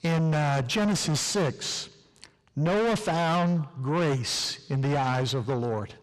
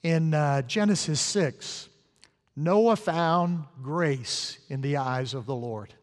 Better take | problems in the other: second | distortion; heavy; 6 dB below the speech

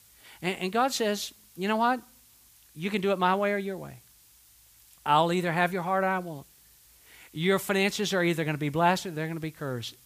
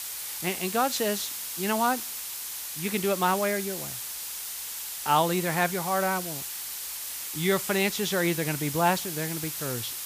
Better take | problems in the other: first | hiss; loud; throughout; 5 dB below the speech; faint in the first

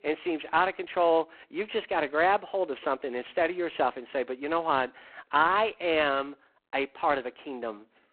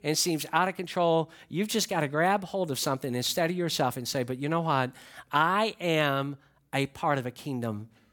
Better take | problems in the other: second | phone-call audio; poor line

